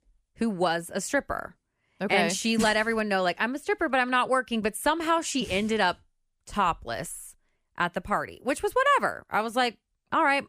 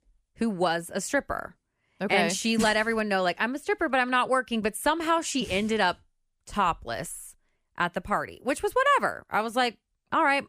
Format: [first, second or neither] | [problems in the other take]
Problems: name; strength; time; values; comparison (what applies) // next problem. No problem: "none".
neither | none